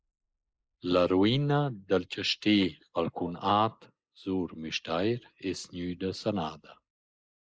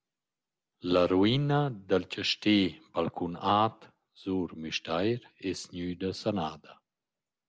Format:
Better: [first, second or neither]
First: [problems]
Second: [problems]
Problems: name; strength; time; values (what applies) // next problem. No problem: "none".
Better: second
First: noise reduction (neural mask model Resemble Enhance denoiser)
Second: none